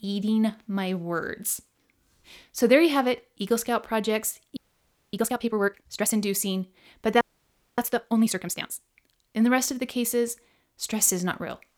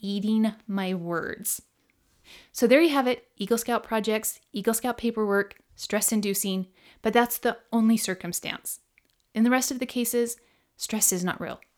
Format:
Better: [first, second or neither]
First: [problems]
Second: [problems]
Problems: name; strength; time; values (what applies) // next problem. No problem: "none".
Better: second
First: audio freezing; at 4.5 s for 0.5 s and at 7 s for 0.5 s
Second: none